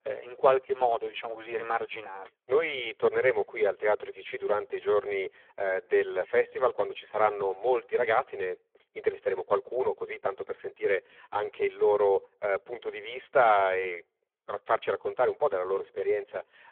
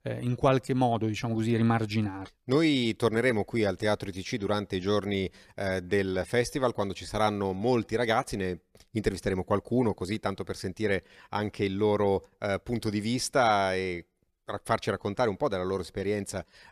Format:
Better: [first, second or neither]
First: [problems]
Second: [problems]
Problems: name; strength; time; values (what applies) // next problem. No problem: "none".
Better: second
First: phone-call audio; poor line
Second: none